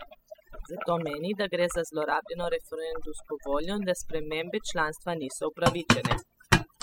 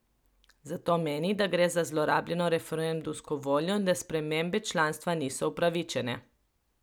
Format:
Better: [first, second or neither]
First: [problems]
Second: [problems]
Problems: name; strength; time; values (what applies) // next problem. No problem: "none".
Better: second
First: noise reduction (classical method spectral subtraction)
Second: none